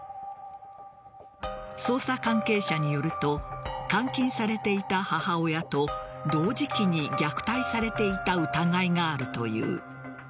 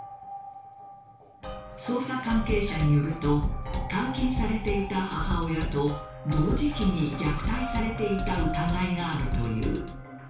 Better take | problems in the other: first | background sound (Drum kit); 3 dB below the speech // room echo; dies away in 0.4 s

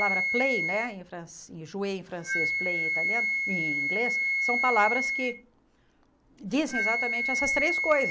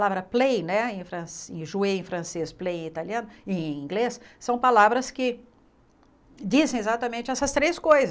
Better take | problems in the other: second | background sound (Wind instrument, woodwind instrument); 2 dB above the speech

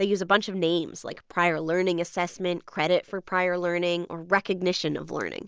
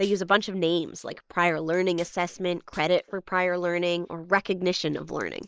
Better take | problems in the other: first | noise reduction (neural mask model Resemble Enhance denoiser)

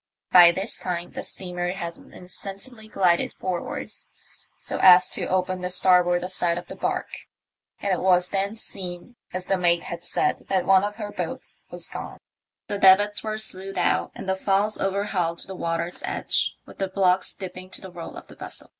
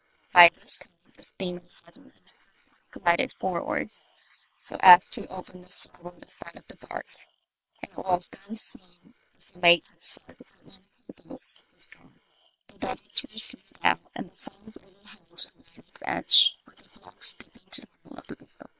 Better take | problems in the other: first | noise reduction (neural separator model SepFormer WHAM!)

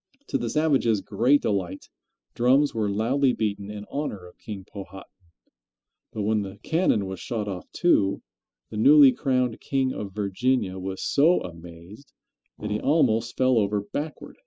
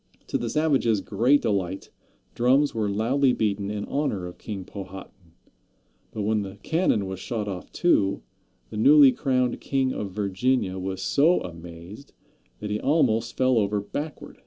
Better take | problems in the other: second | noise reduction (classical method spectral subtraction)

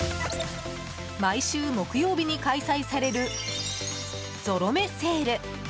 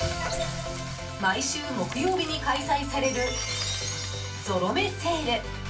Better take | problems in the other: first | background sound (Coin (dropping)); 19 dB below the speech // room echo; dies away in 0.3 s

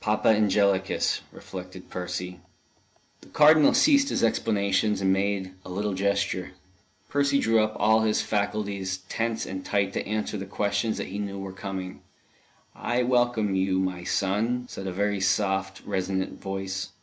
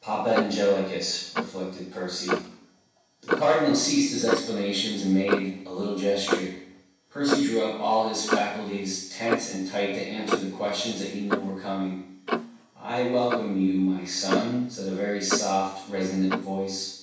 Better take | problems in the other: first | background sound (Clock); 6 dB below the speech // room echo; dies away in 0.7 s

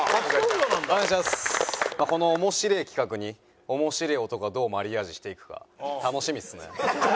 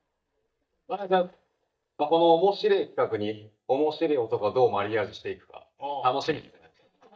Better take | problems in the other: first | noise reduction (neural mask model DeepFilterNet 3)

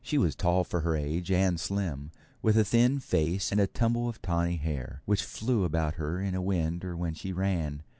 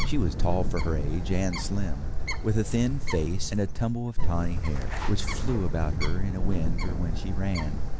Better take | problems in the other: first | background sound (Bird); 4 dB above the speech

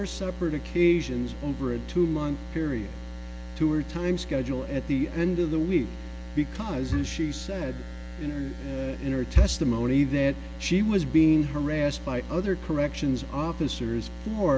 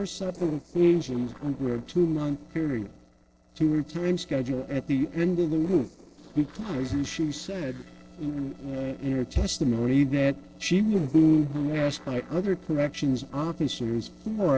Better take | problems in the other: first | noise reduction (neural separator model SepFormer DNS4)

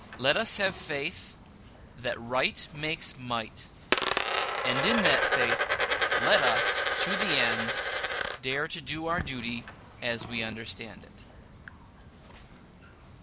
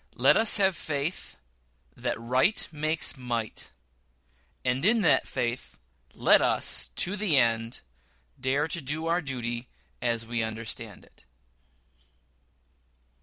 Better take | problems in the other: second | background sound (Coin (dropping)); 1 dB above the speech

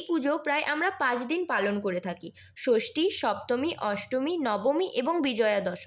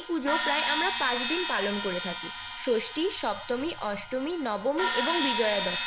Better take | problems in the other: first | background sound (Crash cymbal); 3 dB below the speech

